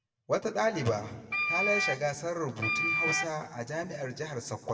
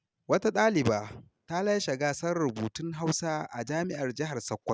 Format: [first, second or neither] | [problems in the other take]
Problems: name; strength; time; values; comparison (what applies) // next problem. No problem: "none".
second | background sound (Wind instrument, woodwind instrument); 1 dB above the speech // room echo; dies away in 1.3 s